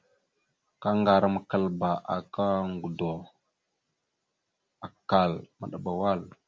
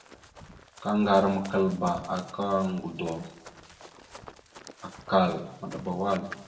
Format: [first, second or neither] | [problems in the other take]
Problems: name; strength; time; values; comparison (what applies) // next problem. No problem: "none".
first | background sound (Run); 18 dB below the speech // room echo; dies away in 0.7 s